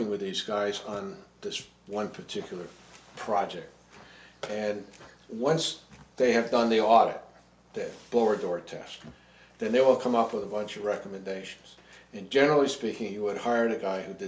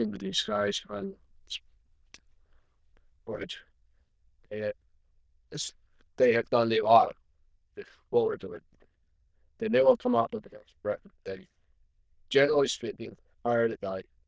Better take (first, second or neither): first